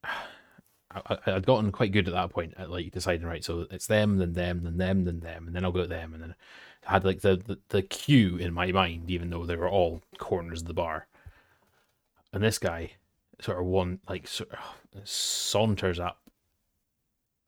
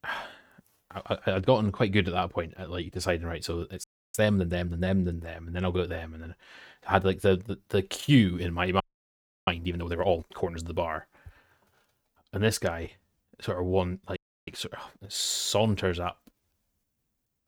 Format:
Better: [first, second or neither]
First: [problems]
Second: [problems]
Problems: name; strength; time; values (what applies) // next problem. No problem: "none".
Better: first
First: none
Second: audio freezing; at 4 s, at 9 s for 0.5 s and at 14 s